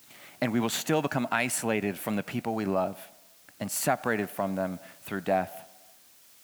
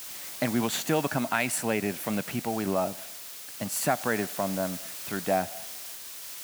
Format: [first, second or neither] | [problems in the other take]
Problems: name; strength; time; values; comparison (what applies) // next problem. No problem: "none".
first | hiss; loud; throughout; 8 dB below the speech; faint in the first